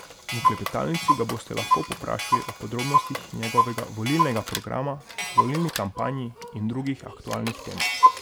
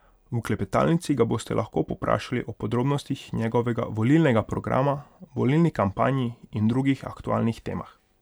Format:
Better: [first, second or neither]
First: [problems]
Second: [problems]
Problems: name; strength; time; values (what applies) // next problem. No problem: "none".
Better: second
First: background sound (Clock); 3 dB above the speech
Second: none